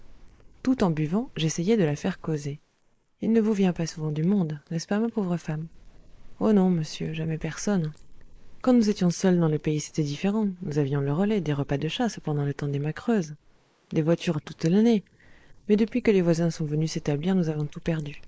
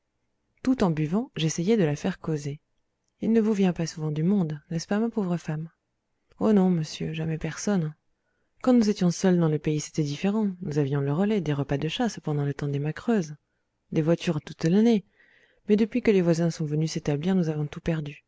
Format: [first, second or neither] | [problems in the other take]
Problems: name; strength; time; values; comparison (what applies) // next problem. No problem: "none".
second | noise reduction (neural mask model Resemble Enhance denoiser)